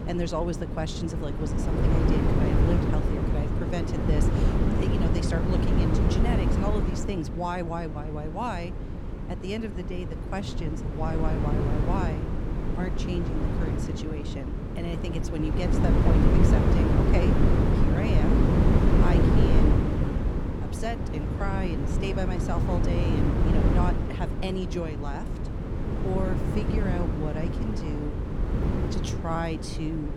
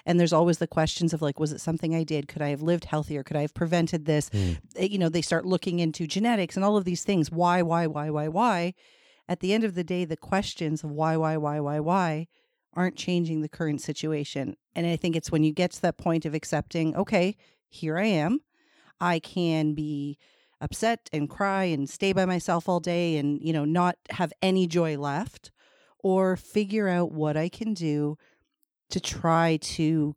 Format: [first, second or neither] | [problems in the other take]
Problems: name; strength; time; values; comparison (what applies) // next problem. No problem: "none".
second | wind noise on the microphone; heavy; 2 dB above the speech